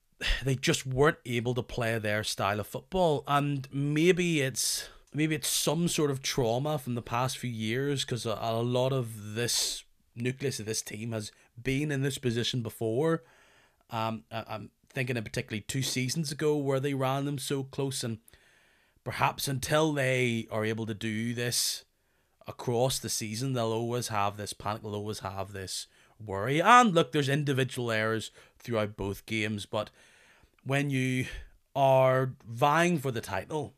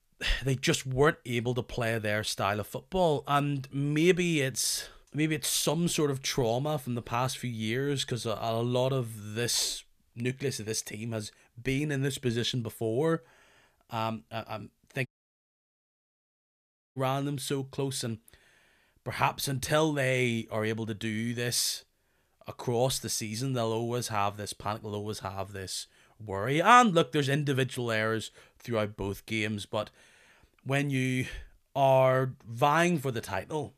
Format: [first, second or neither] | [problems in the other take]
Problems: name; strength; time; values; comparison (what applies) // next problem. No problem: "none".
first | audio cutting out; at 15 s for 2 s